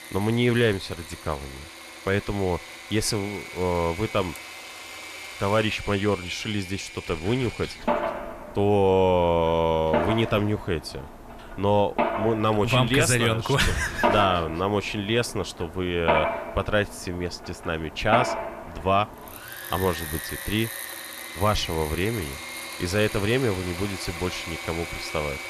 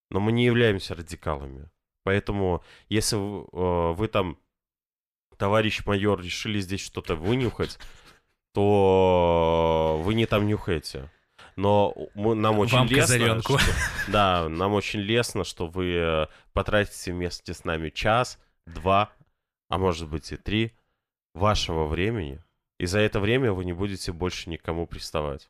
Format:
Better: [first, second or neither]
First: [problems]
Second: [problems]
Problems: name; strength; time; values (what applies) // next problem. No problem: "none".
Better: second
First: machinery noise; loud; throughout; 8 dB below the speech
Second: none